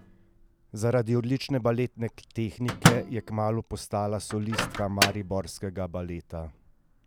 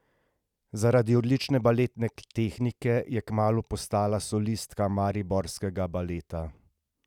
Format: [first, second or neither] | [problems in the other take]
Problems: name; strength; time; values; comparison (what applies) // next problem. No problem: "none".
second | background sound (Microwave oven); 3 dB below the speech